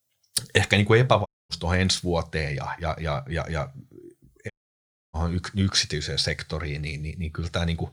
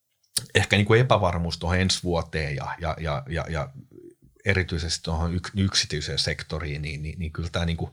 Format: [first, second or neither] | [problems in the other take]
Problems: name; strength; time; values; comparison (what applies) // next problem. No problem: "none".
second | audio cutting out; at 1.5 s and at 4.5 s for 0.5 s